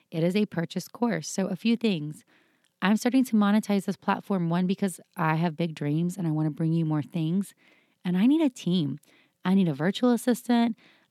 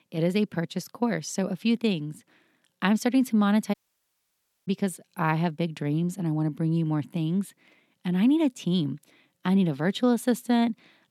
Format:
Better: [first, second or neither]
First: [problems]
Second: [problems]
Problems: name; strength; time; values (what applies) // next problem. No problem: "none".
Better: first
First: none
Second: audio cutting out; at 3.5 s for 1 s